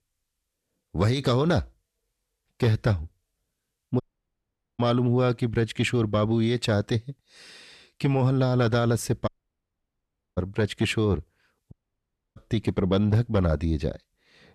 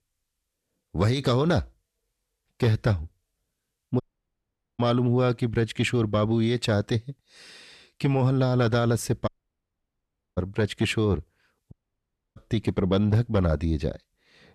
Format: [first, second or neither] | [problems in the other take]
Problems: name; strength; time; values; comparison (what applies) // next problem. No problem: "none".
neither | audio cutting out; at 4 s for 1 s, at 9.5 s for 1 s and at 12 s for 0.5 s; the same in both